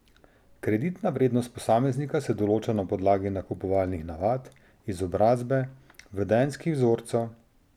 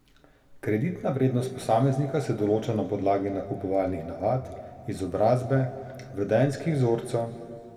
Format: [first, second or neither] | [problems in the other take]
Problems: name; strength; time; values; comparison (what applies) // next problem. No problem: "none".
first | room echo; dies away in 2 s